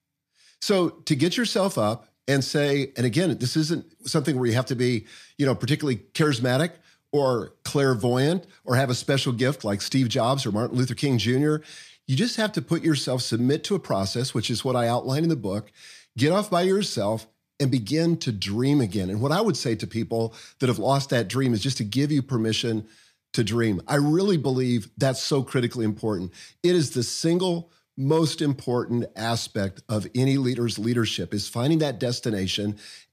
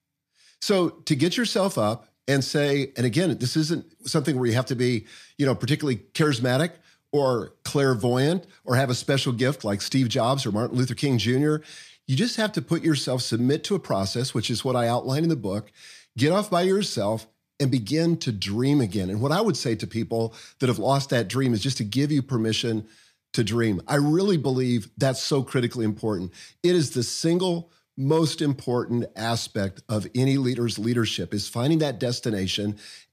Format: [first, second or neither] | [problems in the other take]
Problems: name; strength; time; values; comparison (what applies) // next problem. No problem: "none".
neither | none